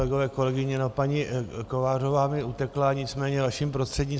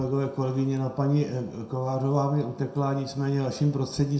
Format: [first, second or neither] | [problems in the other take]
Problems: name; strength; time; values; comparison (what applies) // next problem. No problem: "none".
first | room echo; dies away in 0.5 s